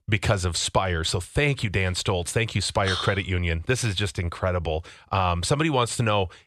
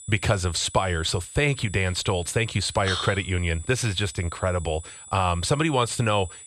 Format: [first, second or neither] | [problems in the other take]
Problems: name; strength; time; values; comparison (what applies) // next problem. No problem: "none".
first | high-pitched whine; noticeable; throughout; 8 kHz, 15 dB below the speech